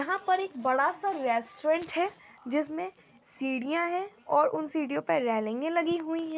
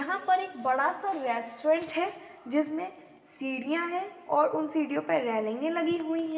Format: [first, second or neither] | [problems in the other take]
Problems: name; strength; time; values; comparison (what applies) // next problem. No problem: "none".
first | room echo; dies away in 1.7 s